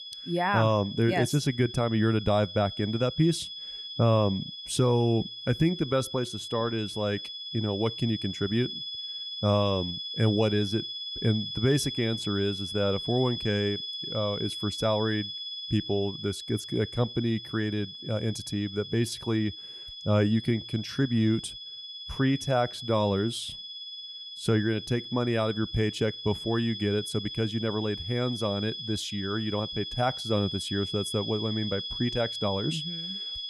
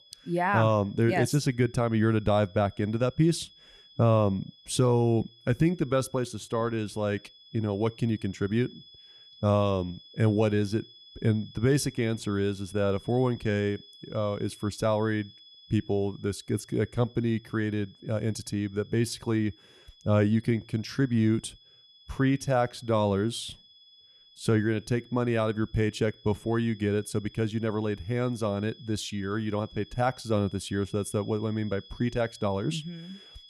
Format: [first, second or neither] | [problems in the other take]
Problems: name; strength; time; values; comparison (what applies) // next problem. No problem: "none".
second | high-pitched whine; loud; throughout; 3.5 kHz, 7 dB below the speech; faint in the second